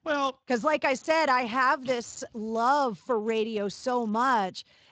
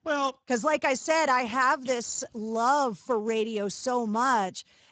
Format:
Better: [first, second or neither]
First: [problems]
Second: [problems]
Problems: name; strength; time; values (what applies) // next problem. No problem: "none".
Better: first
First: garbled, watery; slightly; nothing above 7.5 kHz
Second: garbled, watery; badly; nothing above 7.5 kHz